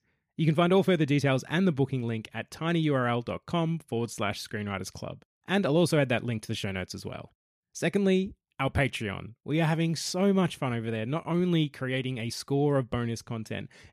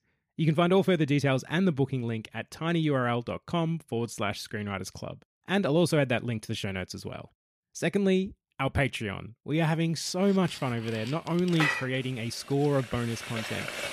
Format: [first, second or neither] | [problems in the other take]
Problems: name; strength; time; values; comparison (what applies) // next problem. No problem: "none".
first | household noises; loud; from 10 s on; 7 dB below the speech